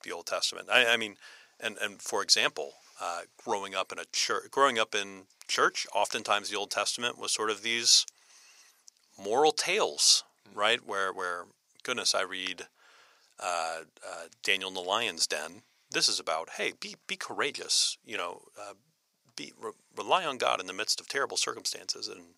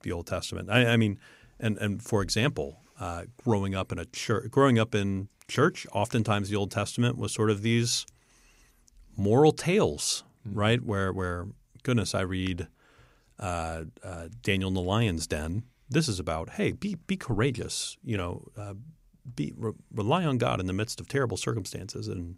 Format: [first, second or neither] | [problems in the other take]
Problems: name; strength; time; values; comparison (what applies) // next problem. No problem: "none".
second | thin; very; fading below 750 Hz